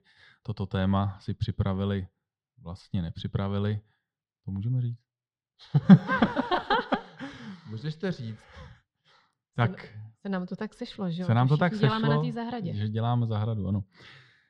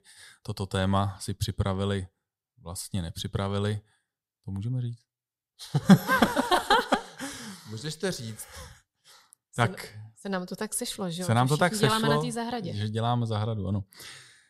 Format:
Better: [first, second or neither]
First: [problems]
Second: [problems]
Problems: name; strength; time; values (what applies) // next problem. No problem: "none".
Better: second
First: muffled; slightly; fading above 3.5 kHz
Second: none